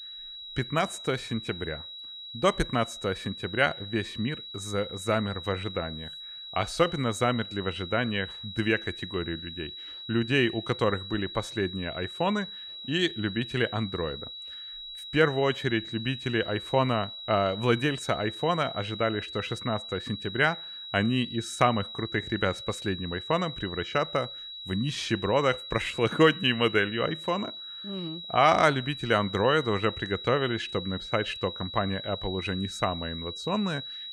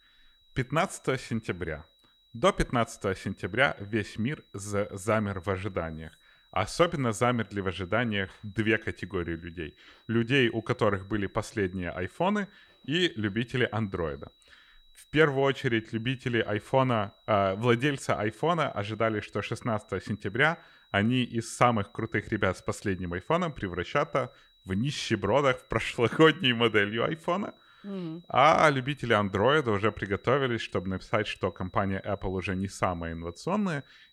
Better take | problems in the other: second | high-pitched whine; loud; throughout; 4 kHz, 10 dB below the speech; faint in the second

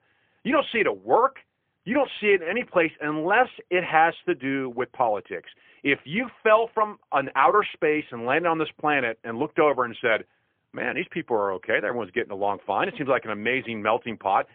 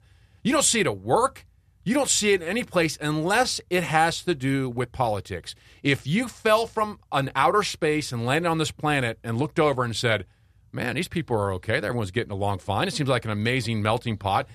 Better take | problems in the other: second | phone-call audio; poor line; nothing above 3.5 kHz

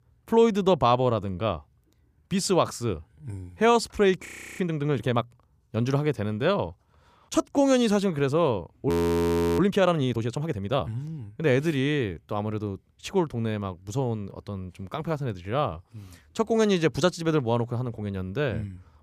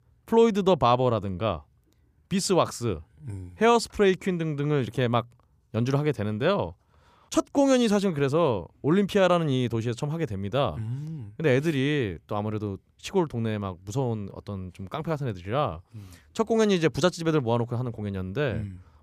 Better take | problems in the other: second | audio freezing; at 4.5 s and at 9 s for 0.5 s

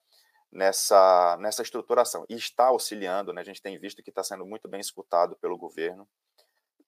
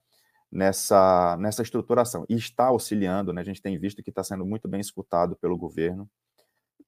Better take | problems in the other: second | thin; very; fading below 550 Hz

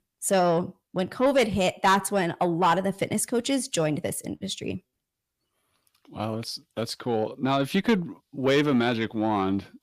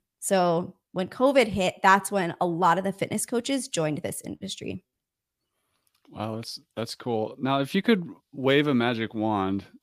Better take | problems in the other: second | distortion; slight; 10 dB below the speech

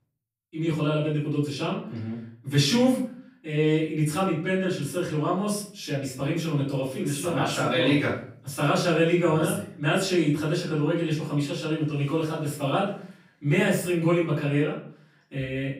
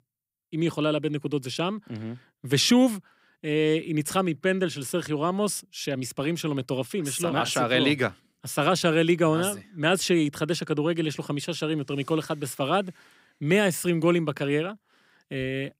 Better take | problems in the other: second | off-mic speech; far // room echo; noticeable; dies away in 0.4 s

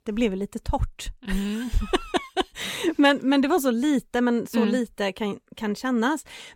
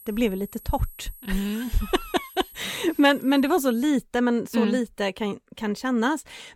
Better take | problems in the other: first | high-pitched whine; noticeable; until 4 s; 11.5 kHz, 20 dB below the speech

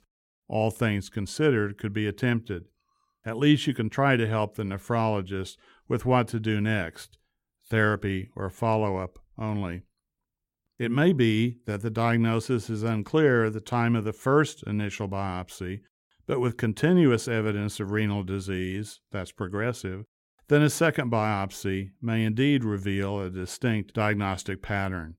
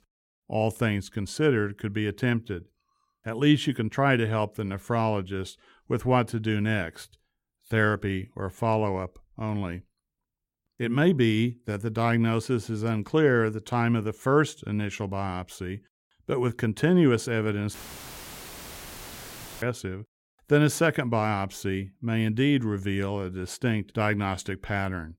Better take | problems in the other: first | audio cutting out; filled with static; at 18 s for 2 s

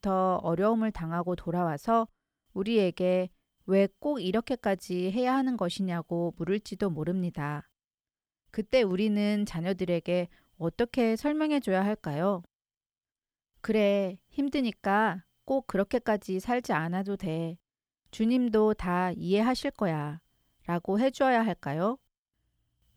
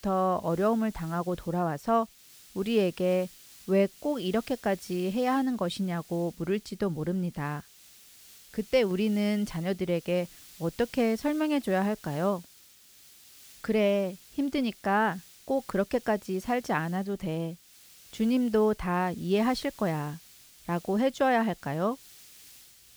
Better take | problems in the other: first | hiss; faint; throughout; 20 dB below the speech

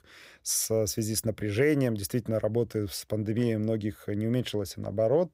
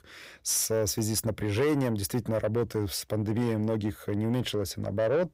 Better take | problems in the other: first | distortion; slight; 10 dB below the speech

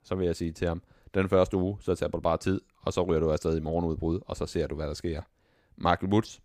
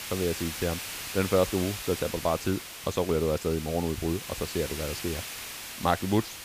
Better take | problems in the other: first | hiss; loud; throughout; 7 dB below the speech

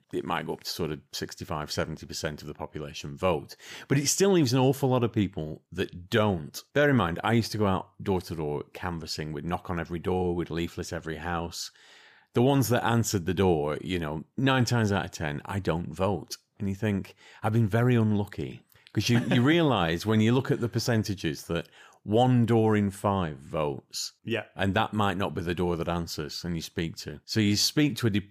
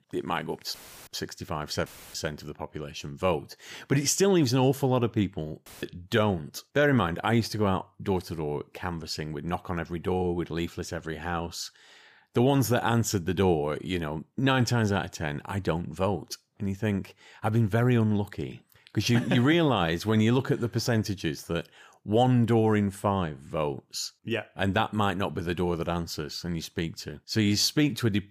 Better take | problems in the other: first | audio cutting out; filled with static; at 0.5 s, at 2 s and at 5.5 s

